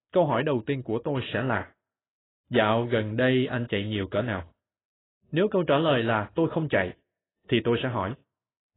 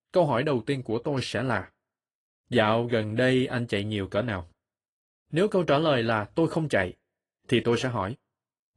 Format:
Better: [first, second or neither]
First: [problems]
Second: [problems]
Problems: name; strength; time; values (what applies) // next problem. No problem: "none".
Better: second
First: garbled, watery; badly; nothing above 3.5 kHz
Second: garbled, watery; slightly; nothing above 10.5 kHz